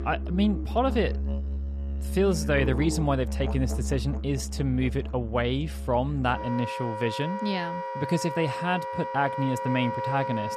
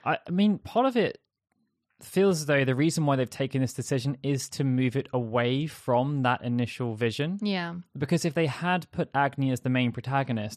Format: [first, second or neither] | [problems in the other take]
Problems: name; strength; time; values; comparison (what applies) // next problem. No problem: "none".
second | background music; loud; throughout; 5 dB below the speech